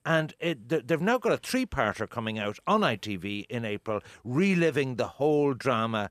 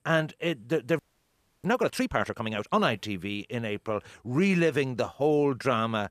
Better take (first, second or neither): first